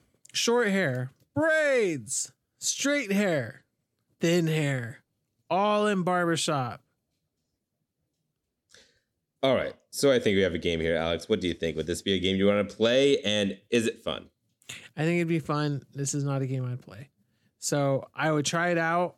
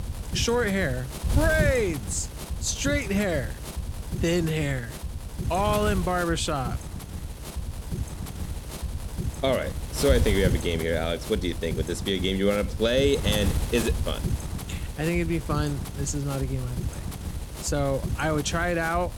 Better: first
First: none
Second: wind noise on the microphone; occasional gusts; 10 dB below the speech

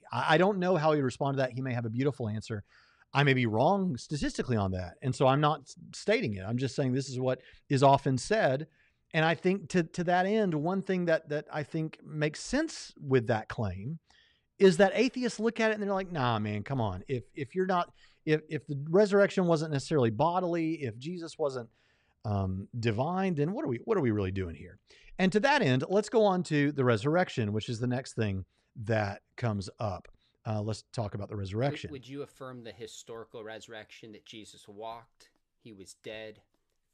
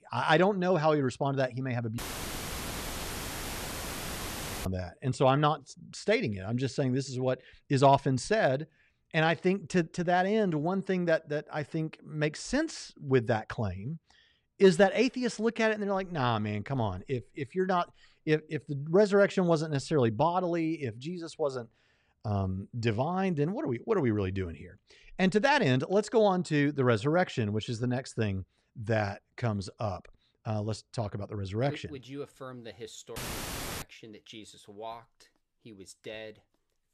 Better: first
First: none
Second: audio cutting out; filled with static; at 2 s for 2.5 s and at 33 s for 0.5 s

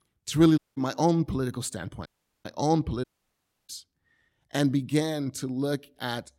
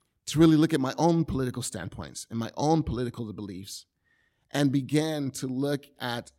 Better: second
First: audio cutting out; at 0.5 s, at 2 s and at 3 s for 0.5 s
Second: none

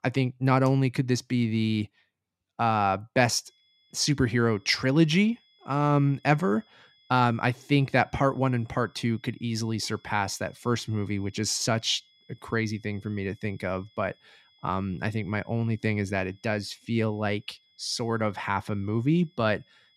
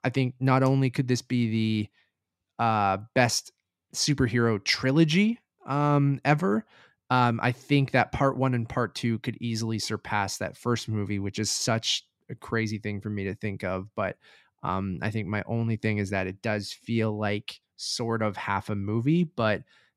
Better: second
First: high-pitched whine; faint; from 3.5 s on; 3.5 kHz, 35 dB below the speech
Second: none

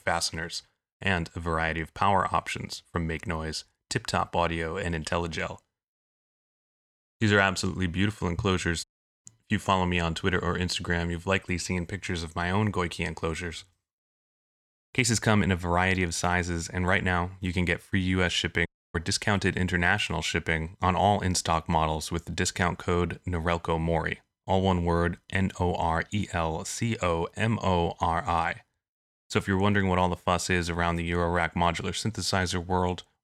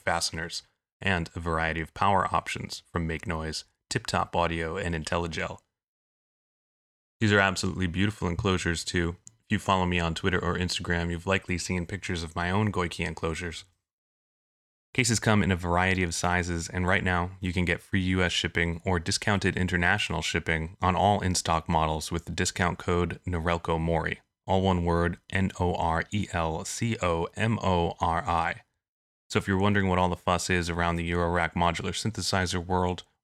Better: second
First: audio cutting out; at 9 s and at 19 s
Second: none

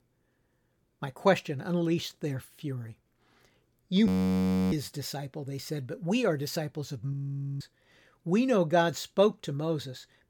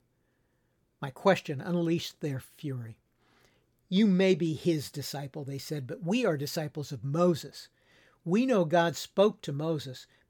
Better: second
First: audio freezing; at 4 s for 0.5 s and at 7 s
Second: none

